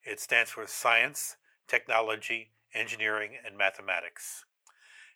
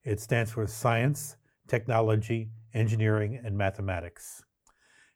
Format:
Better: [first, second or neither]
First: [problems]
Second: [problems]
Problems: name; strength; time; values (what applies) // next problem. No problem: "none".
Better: second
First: thin; very; fading below 800 Hz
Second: none